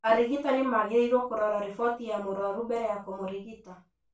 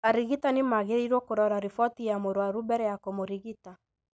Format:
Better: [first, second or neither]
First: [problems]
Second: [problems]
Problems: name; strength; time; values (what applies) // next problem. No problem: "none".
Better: second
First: room echo; dies away in 0.2 s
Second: none